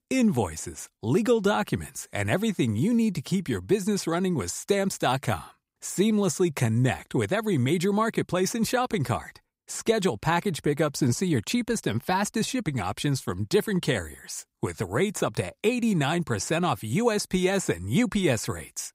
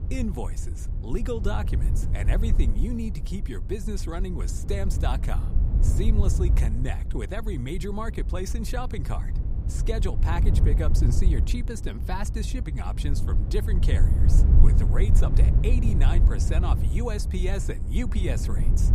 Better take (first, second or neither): first